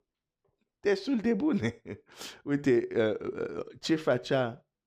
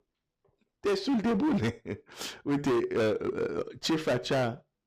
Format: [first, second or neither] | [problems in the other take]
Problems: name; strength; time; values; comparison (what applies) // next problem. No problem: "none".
first | distortion; heavy; 14% of the sound clipped